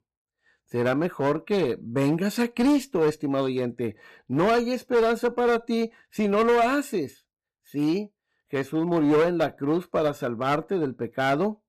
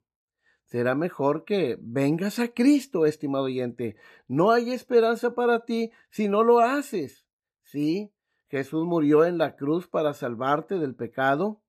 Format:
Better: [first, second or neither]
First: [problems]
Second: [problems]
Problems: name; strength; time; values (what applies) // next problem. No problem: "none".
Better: second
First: distortion; slight; 8% of the sound clipped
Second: none